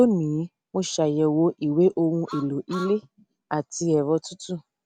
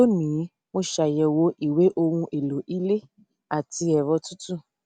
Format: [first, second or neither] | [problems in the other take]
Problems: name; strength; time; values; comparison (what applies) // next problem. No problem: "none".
second | background sound (Truck); 17 dB below the speech